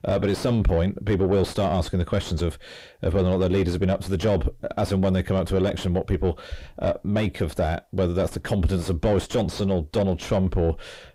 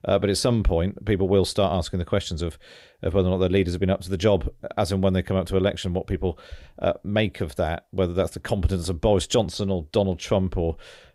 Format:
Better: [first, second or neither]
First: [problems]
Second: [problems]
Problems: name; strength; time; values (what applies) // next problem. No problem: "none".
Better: second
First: distortion; heavy; 6 dB below the speech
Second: none